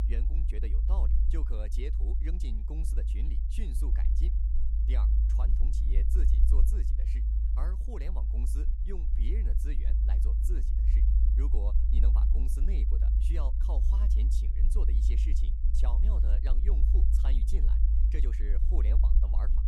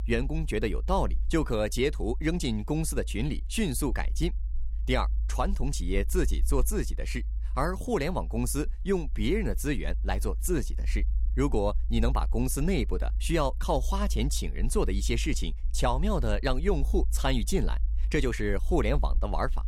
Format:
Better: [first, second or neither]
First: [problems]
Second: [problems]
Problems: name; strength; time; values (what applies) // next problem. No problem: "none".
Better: second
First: low rumble; loud; throughout; 1 dB below the speech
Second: low rumble; faint; throughout; 25 dB below the speech